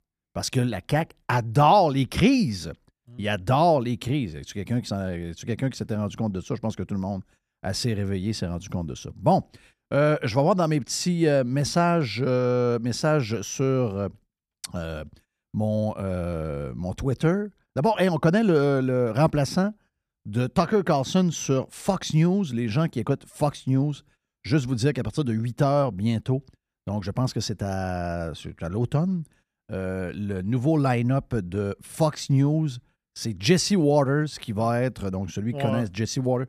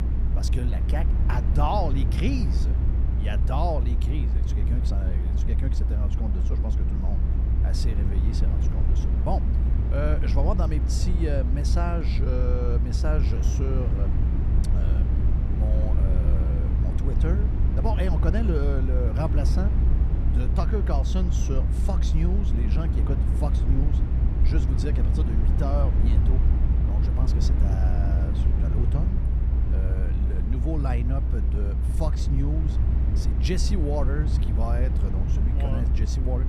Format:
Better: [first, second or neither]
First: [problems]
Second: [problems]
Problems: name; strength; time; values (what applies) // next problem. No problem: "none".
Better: first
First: none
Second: low rumble; loud; throughout; 4 dB below the speech